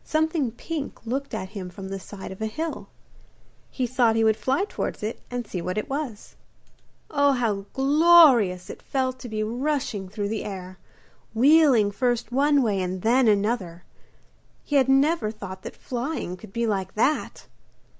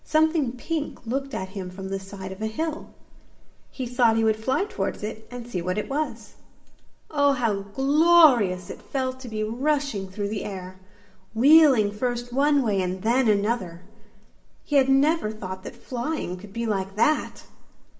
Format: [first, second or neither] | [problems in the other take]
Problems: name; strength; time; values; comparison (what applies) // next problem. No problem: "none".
first | room echo; dies away in 0.8 s